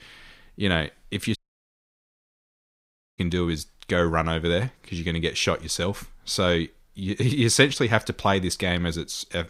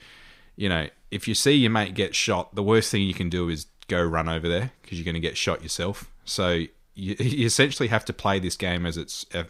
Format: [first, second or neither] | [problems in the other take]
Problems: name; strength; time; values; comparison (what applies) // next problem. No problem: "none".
second | audio cutting out; at 1.5 s for 2 s